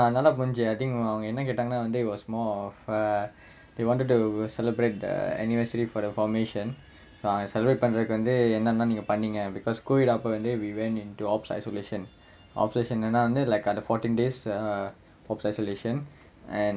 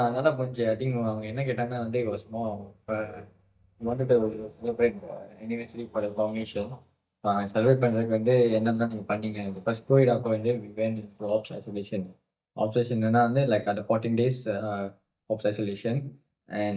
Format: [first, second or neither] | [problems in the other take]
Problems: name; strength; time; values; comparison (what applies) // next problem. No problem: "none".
first | noise reduction (neural mask model DeepFilterNet 3)